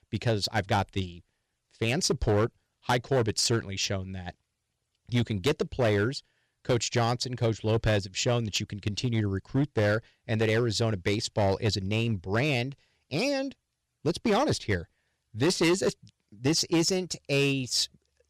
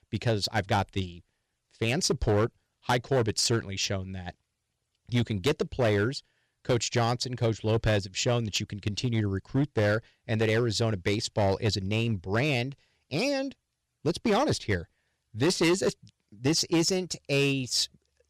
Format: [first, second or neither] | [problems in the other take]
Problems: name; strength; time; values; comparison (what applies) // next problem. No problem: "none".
neither | distortion; slight; 6% of the sound clipped; the same in both